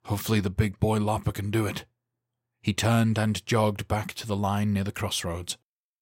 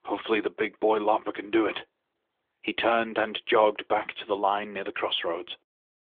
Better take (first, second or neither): first